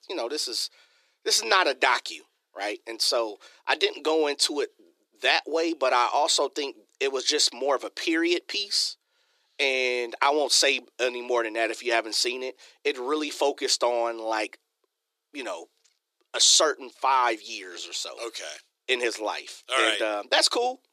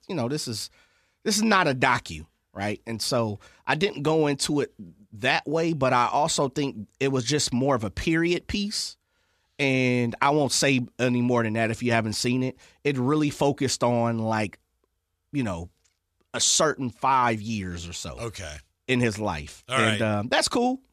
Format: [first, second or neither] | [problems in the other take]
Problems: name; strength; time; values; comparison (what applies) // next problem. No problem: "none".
second | thin; very; fading below 350 Hz